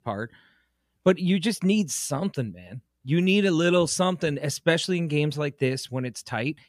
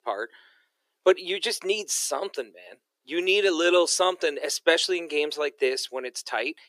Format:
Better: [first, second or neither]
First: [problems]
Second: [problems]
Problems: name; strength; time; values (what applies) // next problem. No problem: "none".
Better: first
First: none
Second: thin; very; fading below 350 Hz